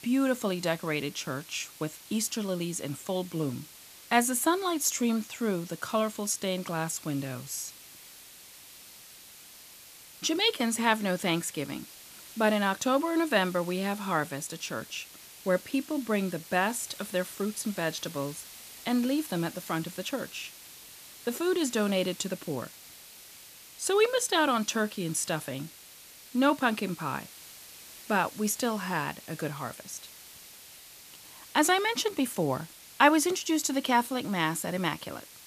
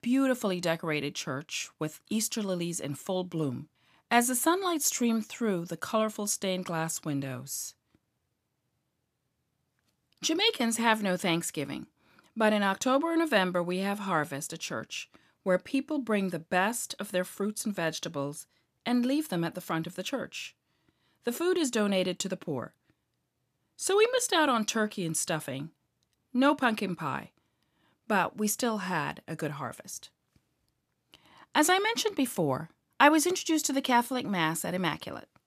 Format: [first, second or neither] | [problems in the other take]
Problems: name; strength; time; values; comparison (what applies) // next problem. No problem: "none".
second | hiss; noticeable; throughout; 15 dB below the speech